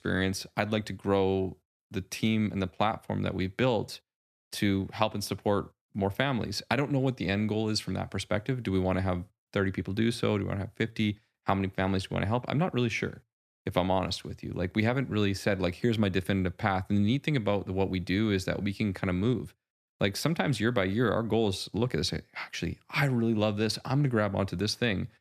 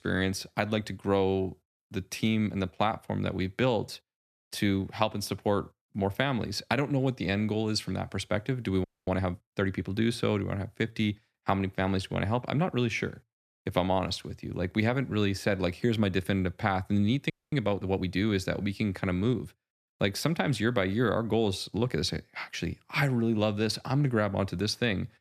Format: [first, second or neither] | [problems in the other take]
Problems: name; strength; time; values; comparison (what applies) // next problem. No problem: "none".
first | audio freezing; at 9 s and at 17 s